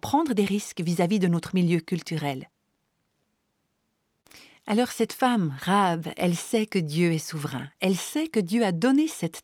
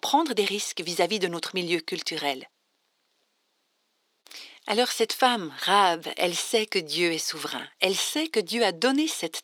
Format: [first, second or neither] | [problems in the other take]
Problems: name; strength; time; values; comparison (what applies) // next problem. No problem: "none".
first | thin; somewhat; fading below 350 Hz